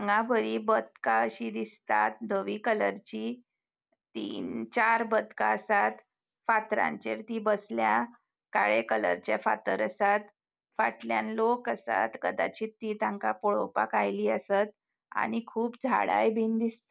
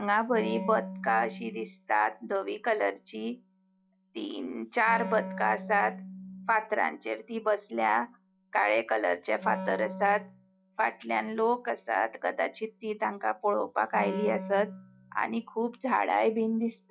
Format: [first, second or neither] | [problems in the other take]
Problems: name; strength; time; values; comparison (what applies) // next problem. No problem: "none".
first | noise reduction (classical method log-MMSE)